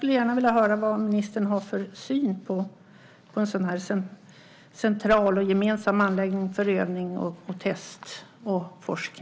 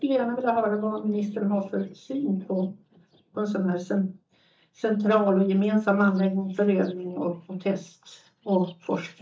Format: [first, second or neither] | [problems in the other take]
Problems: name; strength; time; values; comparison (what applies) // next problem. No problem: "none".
first | noise reduction (neural mask model DeepFilterNet 3)